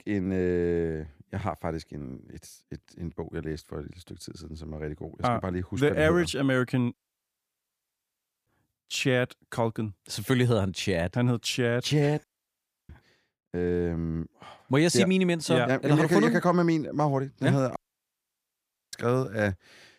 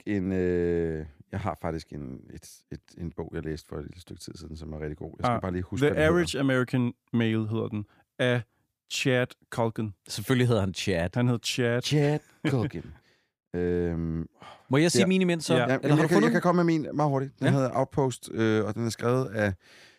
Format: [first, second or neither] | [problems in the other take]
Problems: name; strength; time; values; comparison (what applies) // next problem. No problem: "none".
second | audio cutting out; at 7 s for 1.5 s, at 12 s for 0.5 s and at 18 s for 1 s